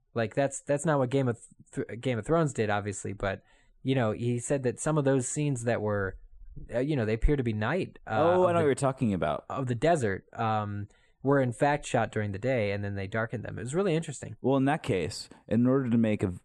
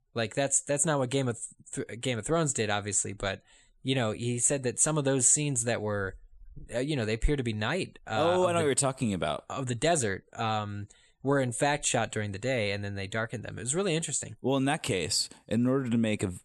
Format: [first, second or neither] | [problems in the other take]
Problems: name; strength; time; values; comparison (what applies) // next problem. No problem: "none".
second | muffled; slightly; fading above 2.5 kHz